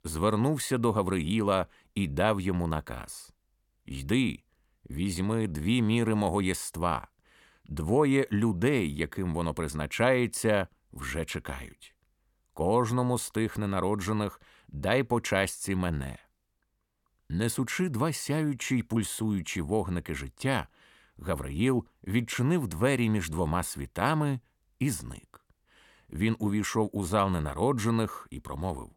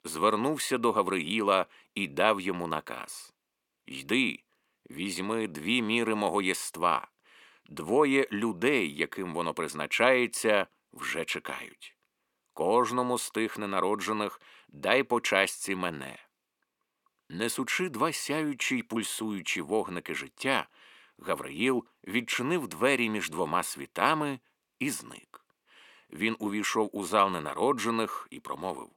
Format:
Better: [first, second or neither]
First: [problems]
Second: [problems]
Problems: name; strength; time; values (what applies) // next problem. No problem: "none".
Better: first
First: none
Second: thin; somewhat; fading below 300 Hz